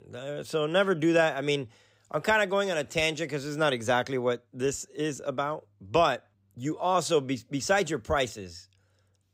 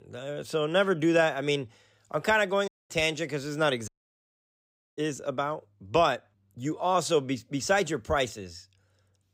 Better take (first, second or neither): first